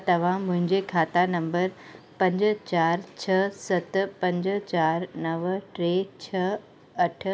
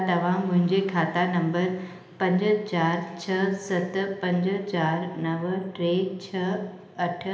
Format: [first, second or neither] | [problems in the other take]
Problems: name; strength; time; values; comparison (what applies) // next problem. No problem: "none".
first | room echo; dies away in 0.9 s